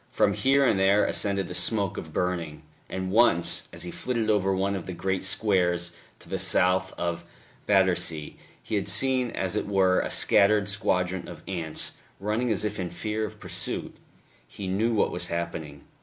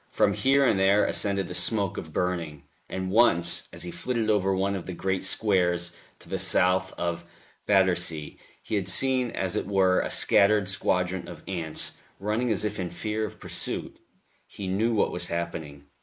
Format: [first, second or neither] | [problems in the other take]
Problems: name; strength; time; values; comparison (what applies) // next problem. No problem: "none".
first | noise reduction (neural mask model Resemble Enhance denoiser)